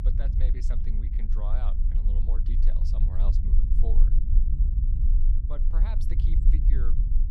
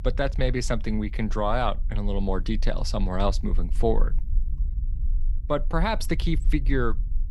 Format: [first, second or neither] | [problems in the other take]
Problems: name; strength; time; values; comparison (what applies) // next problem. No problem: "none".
second | low rumble; loud; throughout; 1 dB below the speech; faint in the second